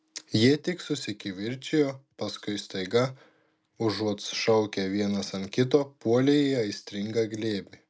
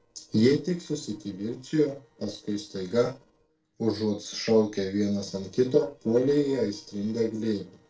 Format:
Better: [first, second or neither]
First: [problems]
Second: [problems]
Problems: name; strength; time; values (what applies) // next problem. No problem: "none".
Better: first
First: none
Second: noise reduction (neural separator model SepFormer DNS4)